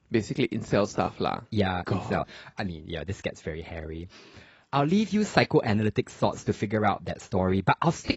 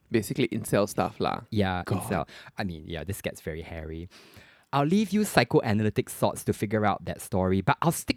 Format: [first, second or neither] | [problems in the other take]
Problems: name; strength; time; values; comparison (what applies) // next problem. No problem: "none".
second | garbled, watery; badly; nothing above 7.5 kHz